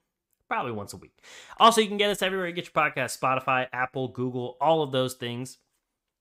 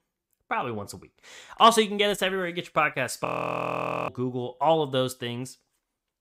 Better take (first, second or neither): first